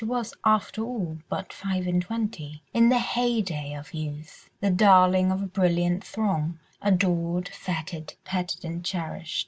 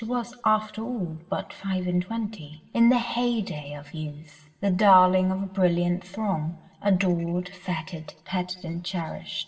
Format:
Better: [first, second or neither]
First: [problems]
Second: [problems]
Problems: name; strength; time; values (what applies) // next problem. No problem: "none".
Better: first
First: none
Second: room echo; dies away in 1.2 s